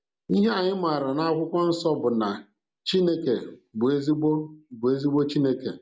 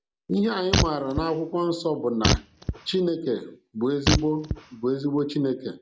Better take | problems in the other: first | background sound (Fart); 2 dB below the speech

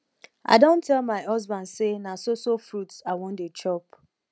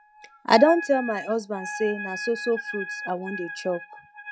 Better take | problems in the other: first | noise reduction (classical method log-MMSE)

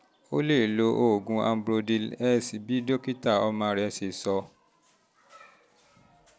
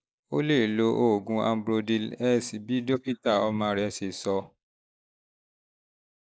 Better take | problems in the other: first | noise reduction (neural mask model Resemble Enhance denoiser)

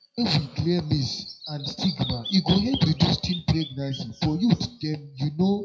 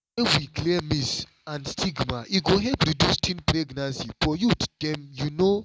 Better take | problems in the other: second | noise reduction (classical method WPE with log-MMSE)

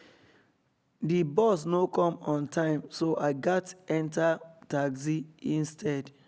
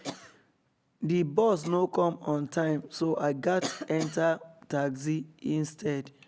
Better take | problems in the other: first | background sound (Cough); 16 dB below the speech

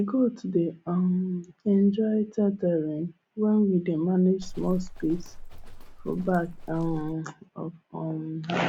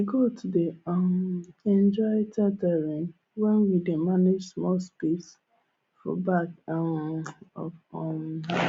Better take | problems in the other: second | background sound (Livestock, farm animals, working animals); 11 dB below the speech

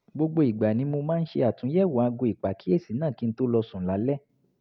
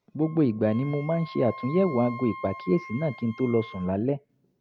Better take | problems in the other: first | background sound (Wind instrument, woodwind instrument); 16 dB below the speech

